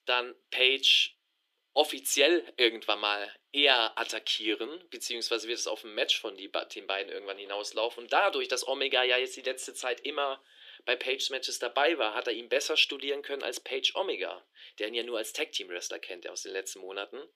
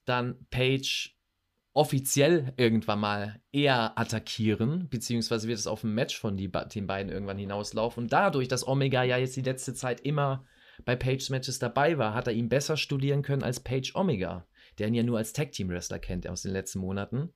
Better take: second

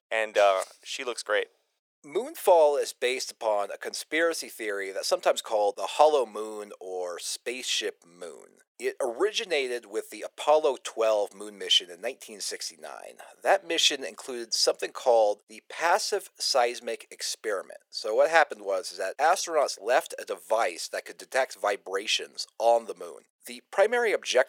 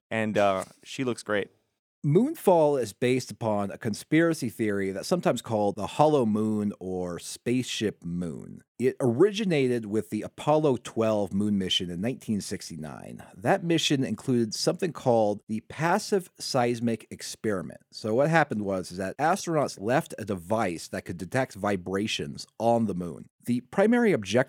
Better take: second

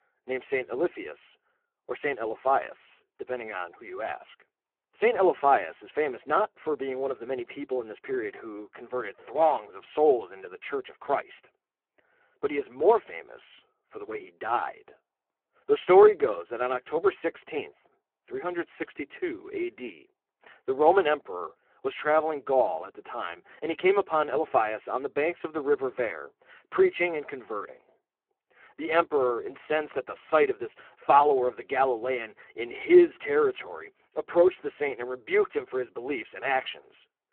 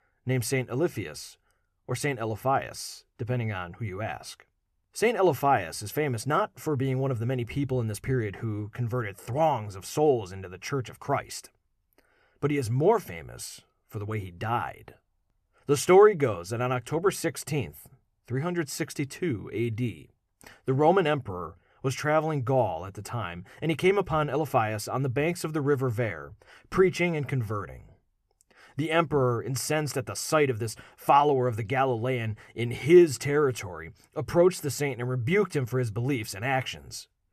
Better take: second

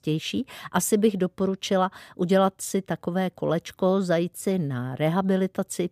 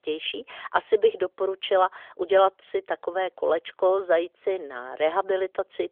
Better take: first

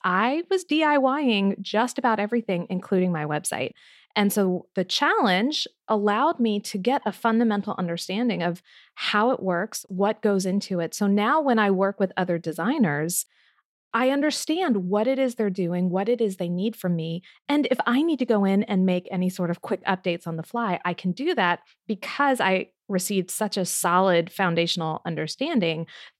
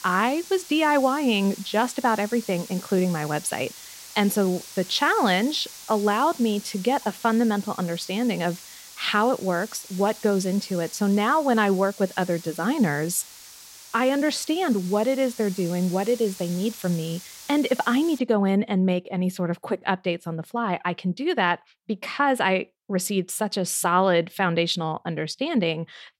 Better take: first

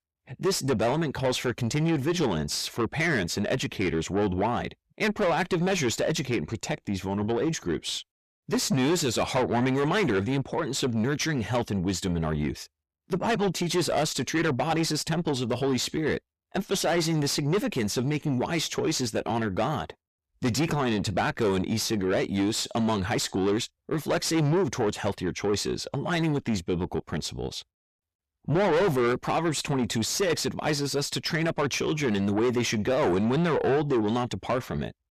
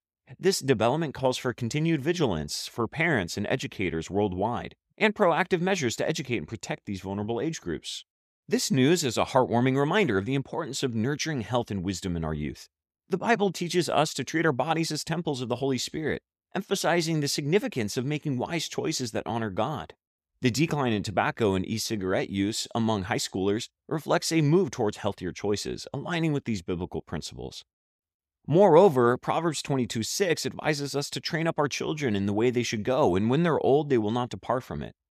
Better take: second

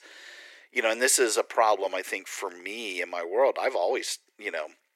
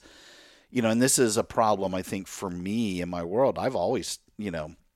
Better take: second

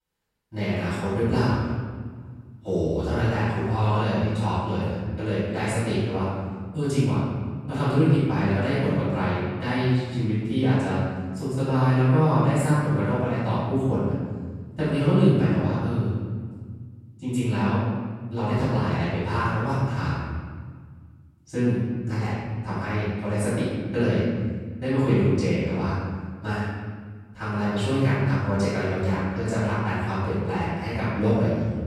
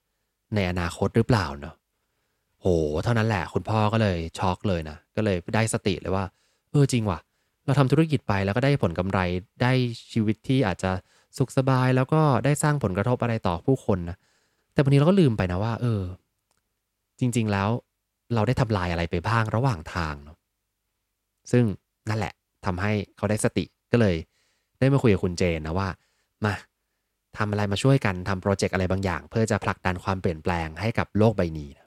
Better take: second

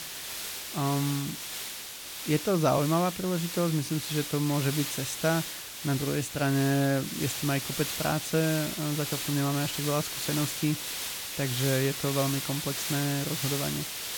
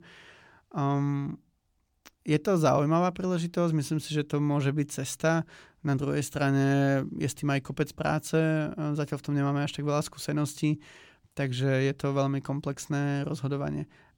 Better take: second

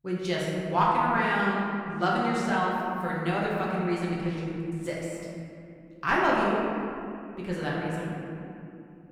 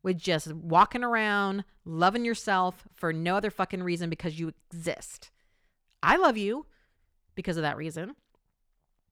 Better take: second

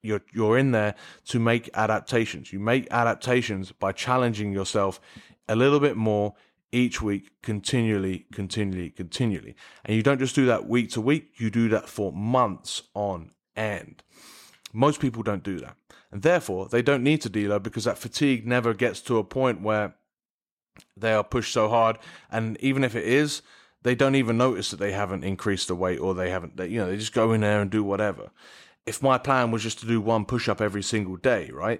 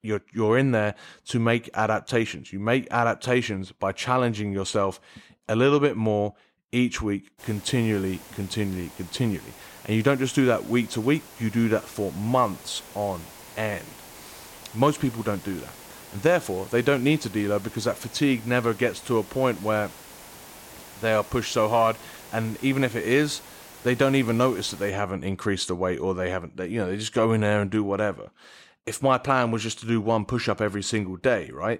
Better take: first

